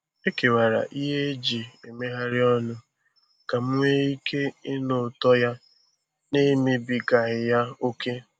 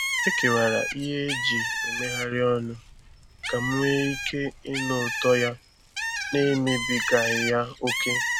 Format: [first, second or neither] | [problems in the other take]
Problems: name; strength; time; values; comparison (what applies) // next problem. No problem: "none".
first | background sound (Bird); 3 dB below the speech